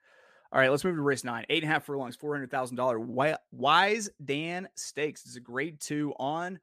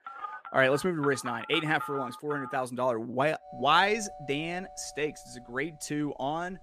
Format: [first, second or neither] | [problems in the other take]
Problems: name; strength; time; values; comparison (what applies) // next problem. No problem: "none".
first | alarms or sirens; noticeable; throughout; 10 dB below the speech